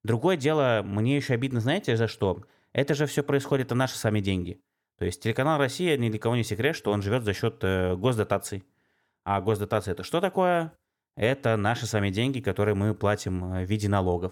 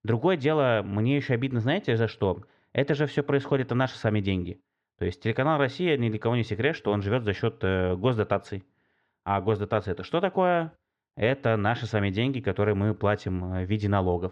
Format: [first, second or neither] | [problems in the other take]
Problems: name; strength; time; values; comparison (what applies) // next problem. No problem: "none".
first | muffled; slightly; fading above 4 kHz